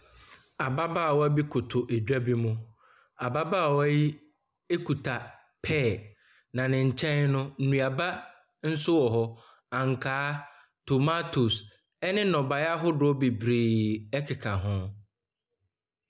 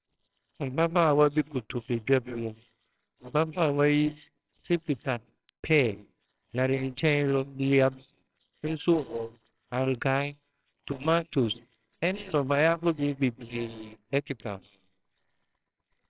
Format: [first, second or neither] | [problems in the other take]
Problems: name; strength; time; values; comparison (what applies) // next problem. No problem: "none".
first | noise reduction (neural separator model SepFormer WHAMR!)